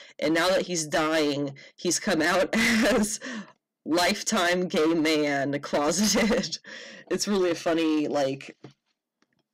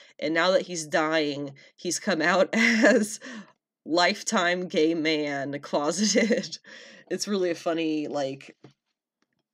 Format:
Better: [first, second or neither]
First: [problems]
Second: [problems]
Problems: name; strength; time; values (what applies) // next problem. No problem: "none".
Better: second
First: distortion; heavy; 16% of the sound clipped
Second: none